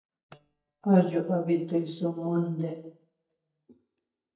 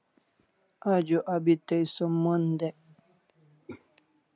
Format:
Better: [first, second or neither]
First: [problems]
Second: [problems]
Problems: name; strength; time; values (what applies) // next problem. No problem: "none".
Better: second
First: noise reduction (neural mask model DeepFilterNet 3)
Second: none